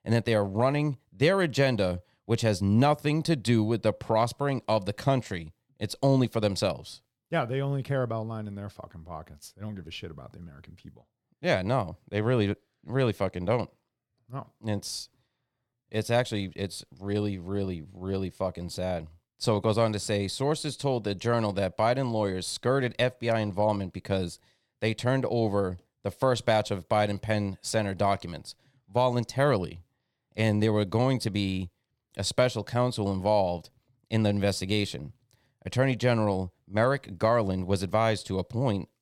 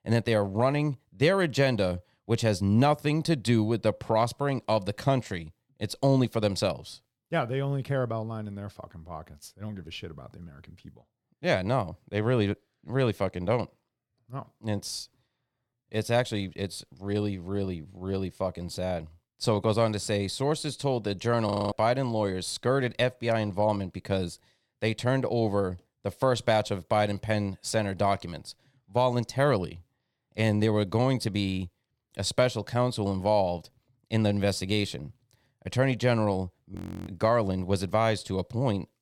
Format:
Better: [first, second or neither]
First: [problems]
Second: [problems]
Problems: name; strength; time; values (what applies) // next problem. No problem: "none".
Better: first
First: none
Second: audio freezing; at 21 s and at 37 s